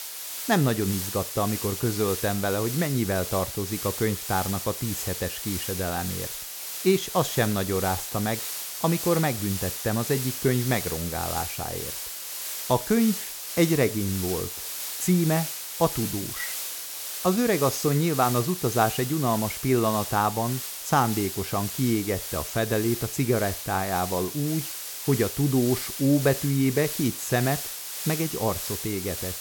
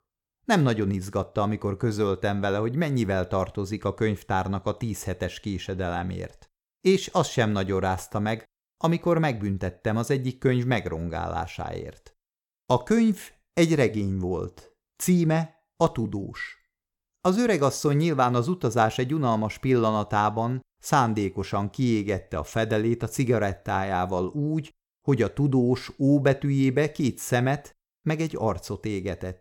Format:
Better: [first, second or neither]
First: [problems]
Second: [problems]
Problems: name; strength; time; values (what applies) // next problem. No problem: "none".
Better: second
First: hiss; loud; throughout; 5 dB below the speech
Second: none